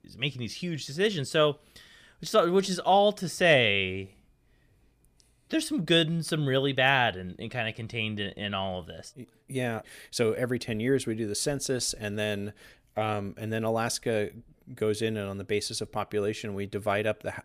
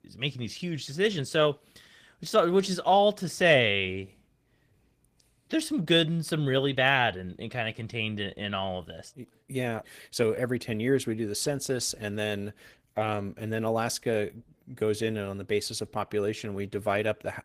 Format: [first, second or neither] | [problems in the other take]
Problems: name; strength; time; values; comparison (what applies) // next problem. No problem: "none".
first | garbled, watery; slightly